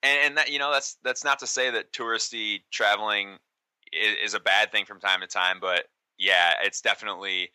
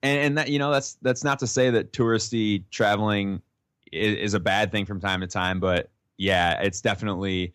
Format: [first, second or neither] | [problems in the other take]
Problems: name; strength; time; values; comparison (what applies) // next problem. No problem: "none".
second | thin; very; fading below 800 Hz